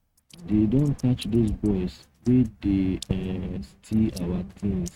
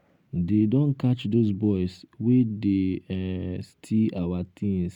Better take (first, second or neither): second